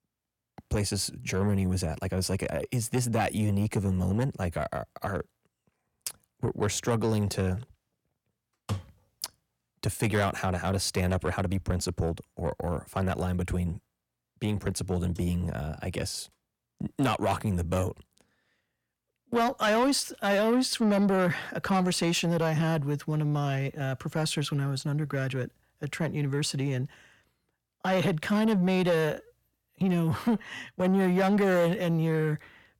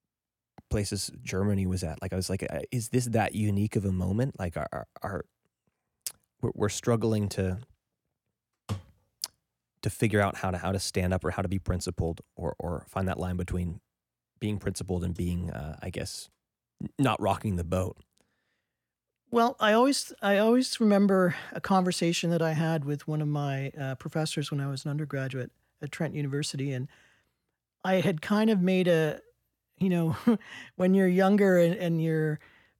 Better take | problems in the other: second | distortion; slight; 10 dB below the speech

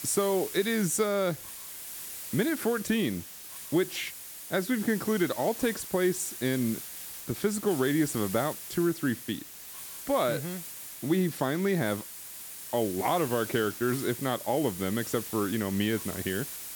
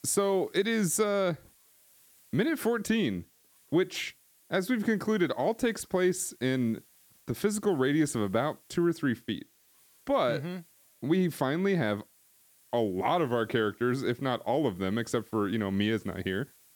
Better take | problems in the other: second | hiss; loud; throughout; 9 dB below the speech; faint in the second

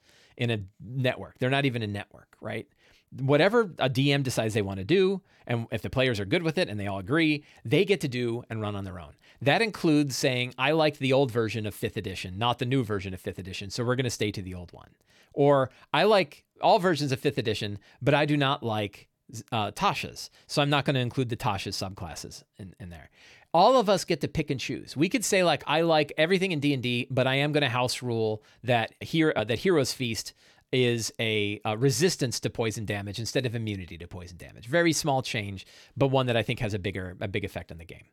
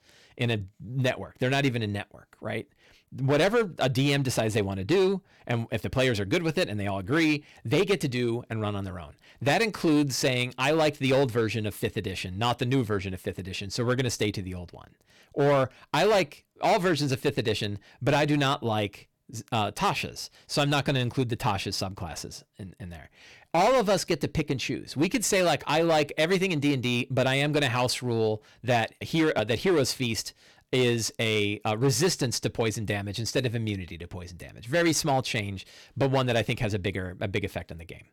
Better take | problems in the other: first | distortion; slight; 6% of the sound clipped

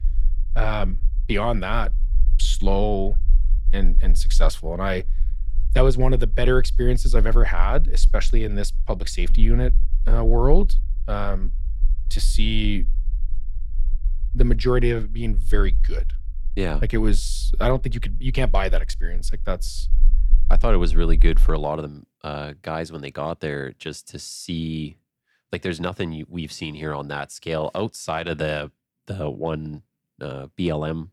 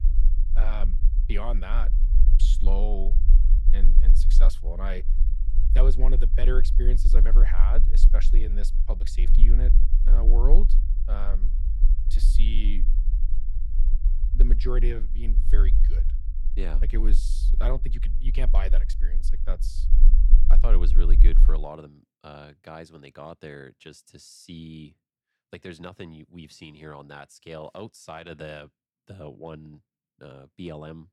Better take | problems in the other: first | low rumble; loud; until 22 s; 10 dB below the speech; faint in the first

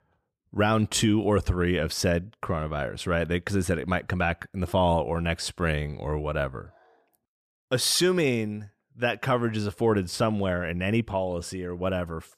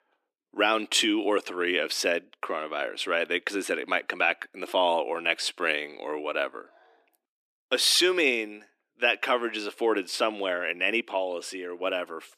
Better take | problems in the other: first | thin; somewhat; fading below 300 Hz

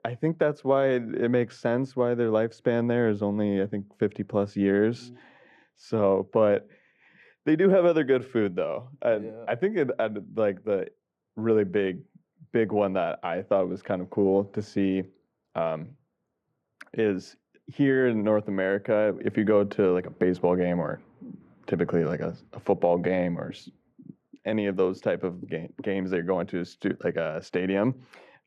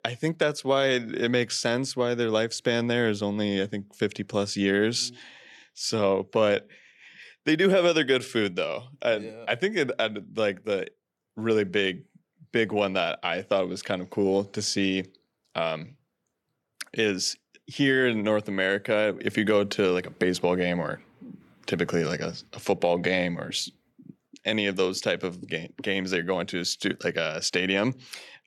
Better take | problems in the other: second | muffled; very; fading above 2.5 kHz

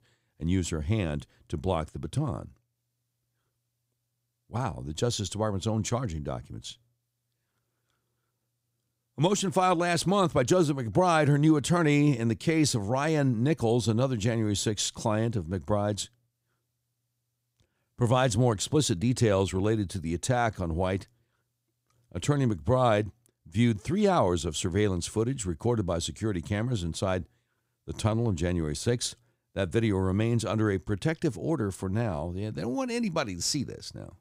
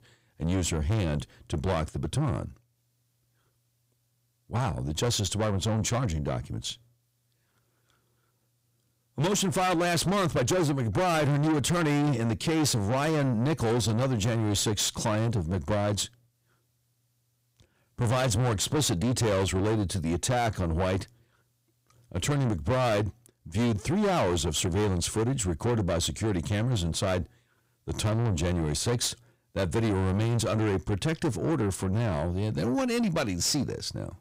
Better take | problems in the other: first | distortion; heavy; 6 dB below the speech

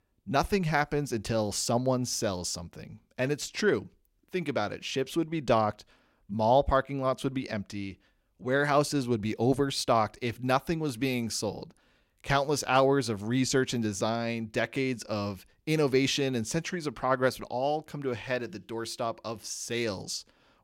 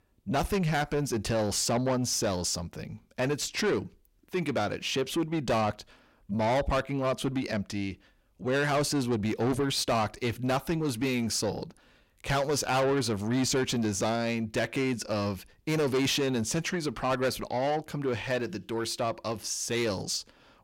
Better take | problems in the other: first | distortion; heavy; 8 dB below the speech

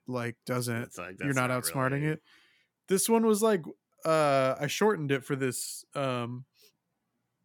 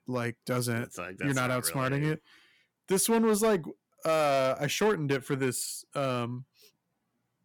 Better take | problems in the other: first | distortion; slight; 5% of the sound clipped

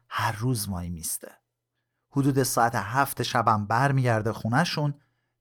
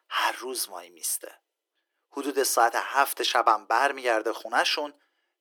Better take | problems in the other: first | thin; very; fading below 300 Hz

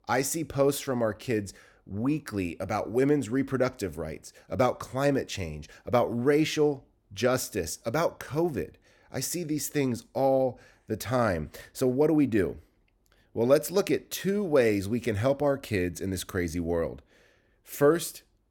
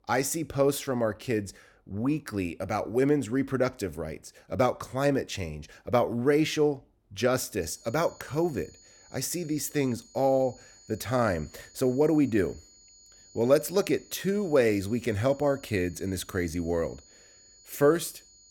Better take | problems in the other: first | high-pitched whine; faint; from 7.5 s on; 7 kHz, 25 dB below the speech

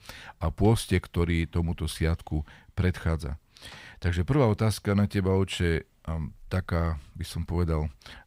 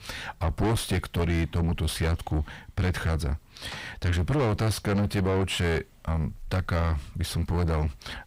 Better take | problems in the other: first | distortion; heavy; 5 dB below the speech

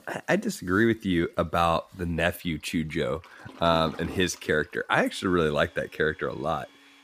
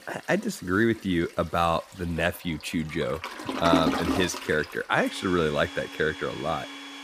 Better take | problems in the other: first | household noises; loud; throughout; 5 dB below the speech; faint in the first

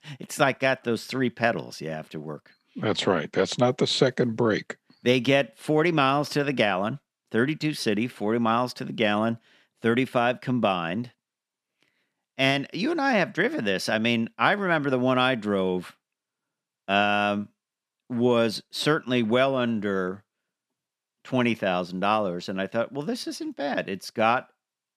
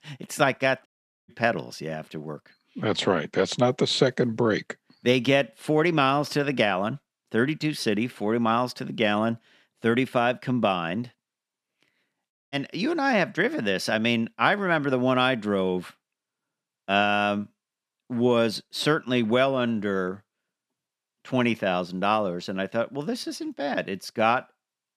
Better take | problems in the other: first | audio cutting out; at 1 s and at 12 s

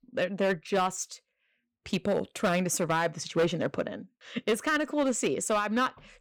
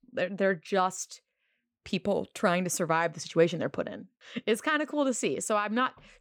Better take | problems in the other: second | distortion; slight; 5% of the sound clipped

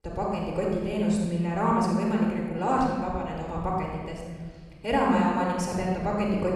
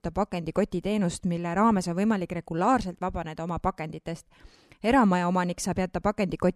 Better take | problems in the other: second | off-mic speech; far // room echo; strong; dies away in 1.5 s

